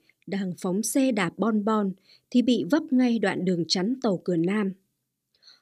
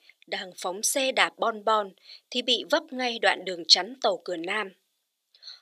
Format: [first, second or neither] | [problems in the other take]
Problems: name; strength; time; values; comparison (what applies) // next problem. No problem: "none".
first | thin; very; fading below 700 Hz